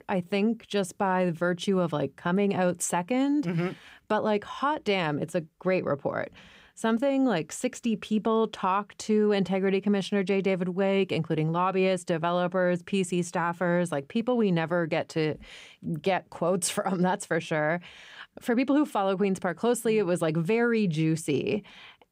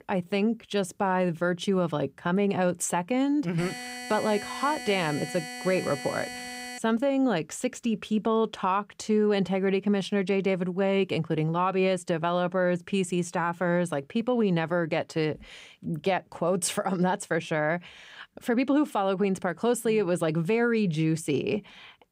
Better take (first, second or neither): first